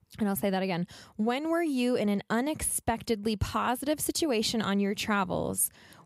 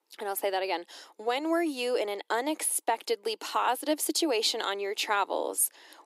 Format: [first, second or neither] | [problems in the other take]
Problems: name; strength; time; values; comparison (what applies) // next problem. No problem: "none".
first | thin; very; fading below 300 Hz